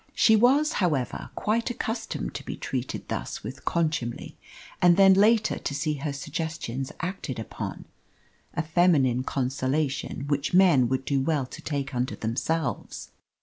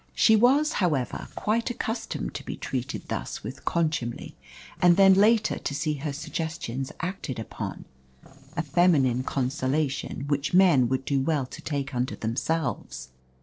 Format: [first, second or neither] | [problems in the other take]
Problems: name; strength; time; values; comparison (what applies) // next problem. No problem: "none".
first | noise reduction (neural separator model SepFormer DNS4)